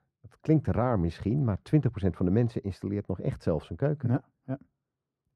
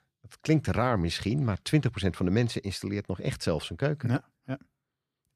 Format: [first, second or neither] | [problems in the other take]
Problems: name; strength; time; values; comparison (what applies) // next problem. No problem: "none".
second | muffled; very; fading above 1.5 kHz